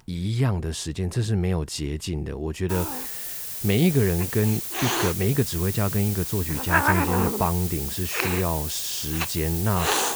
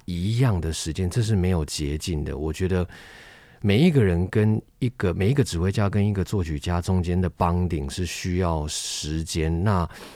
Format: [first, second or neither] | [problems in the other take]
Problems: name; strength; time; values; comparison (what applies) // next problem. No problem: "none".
second | hiss; loud; from 2.5 s on; 1 dB below the speech